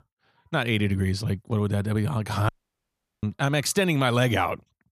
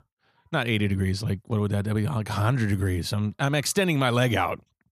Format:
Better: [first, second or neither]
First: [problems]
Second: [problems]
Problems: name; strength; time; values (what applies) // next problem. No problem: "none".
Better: second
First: audio cutting out; at 2.5 s for 0.5 s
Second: none